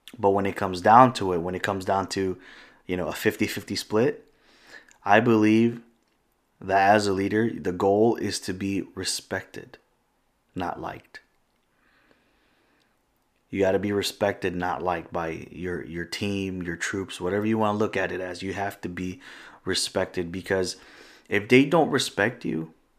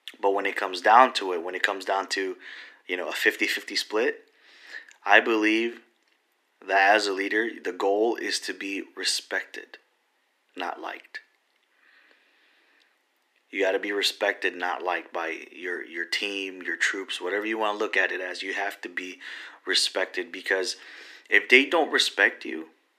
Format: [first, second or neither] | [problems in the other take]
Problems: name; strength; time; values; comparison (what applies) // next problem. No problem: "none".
first | thin; somewhat; fading below 300 Hz